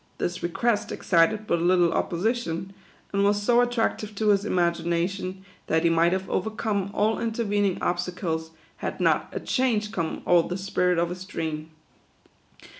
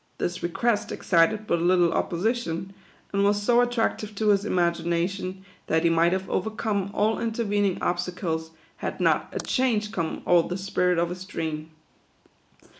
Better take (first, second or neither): first